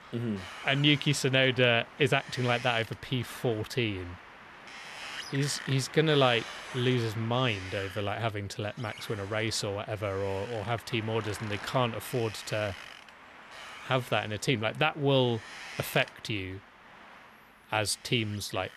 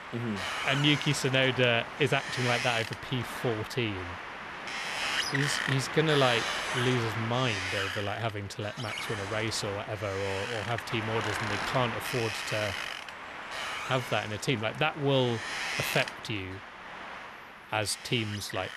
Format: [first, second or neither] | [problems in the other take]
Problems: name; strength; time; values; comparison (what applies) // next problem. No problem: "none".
first | wind noise on the microphone; heavy; 2 dB below the speech; occasional gusts in the first